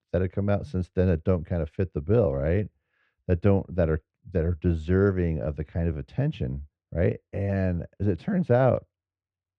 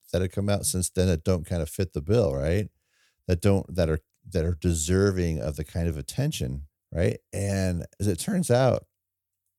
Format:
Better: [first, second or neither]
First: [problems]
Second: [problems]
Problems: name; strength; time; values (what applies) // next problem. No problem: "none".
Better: second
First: muffled; very; fading above 2 kHz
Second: none